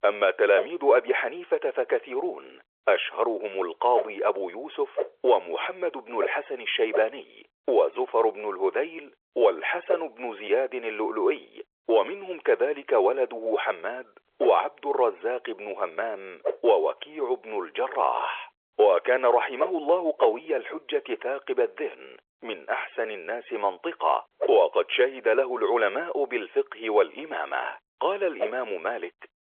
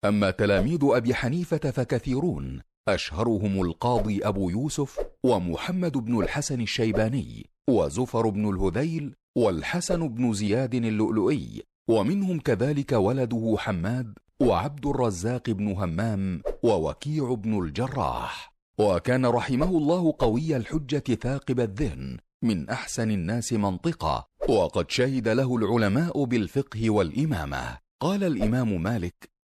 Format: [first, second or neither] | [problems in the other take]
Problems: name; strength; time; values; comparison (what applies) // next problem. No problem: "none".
second | phone-call audio; nothing above 3.5 kHz